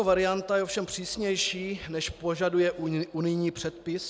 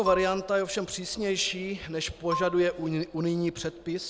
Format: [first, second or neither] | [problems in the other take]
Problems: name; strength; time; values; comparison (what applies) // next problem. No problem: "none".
first | background sound (Marimba, xylophone); 11 dB below the speech